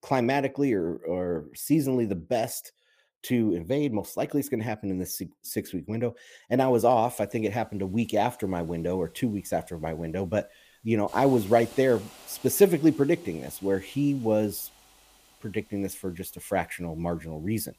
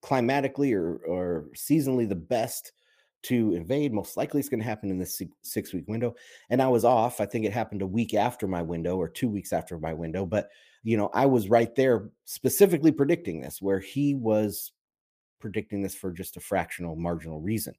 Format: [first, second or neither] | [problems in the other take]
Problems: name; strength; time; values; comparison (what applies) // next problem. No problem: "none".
second | hiss; faint; from 6.5 s on; 25 dB below the speech